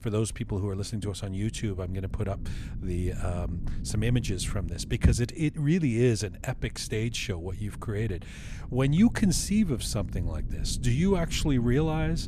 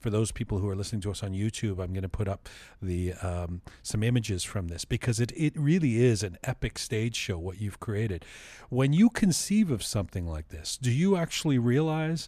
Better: second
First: low rumble; noticeable; throughout; 15 dB below the speech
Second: none

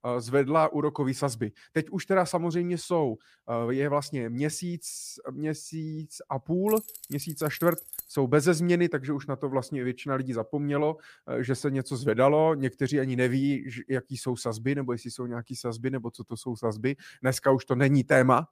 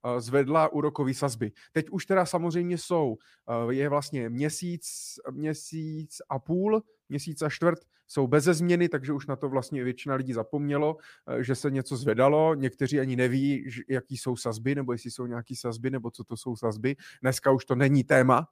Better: second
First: jangling keys; noticeable; from 6.5 to 8 s; peak 8 dB below the speech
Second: none

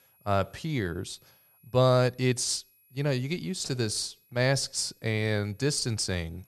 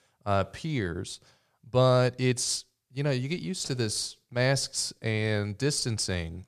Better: second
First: high-pitched whine; faint; throughout; 11.5 kHz, 35 dB below the speech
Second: none

